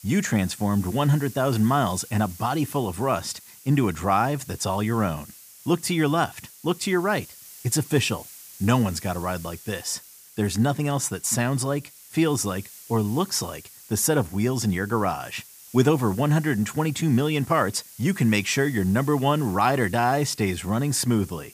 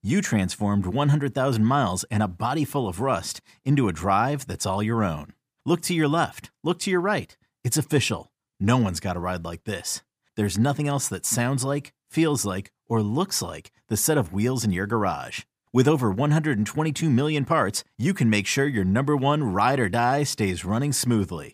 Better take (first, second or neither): second